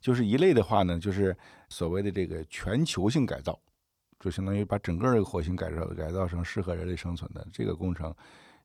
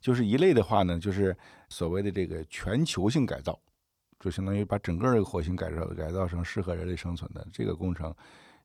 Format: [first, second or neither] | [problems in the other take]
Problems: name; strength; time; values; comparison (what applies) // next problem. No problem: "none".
neither | none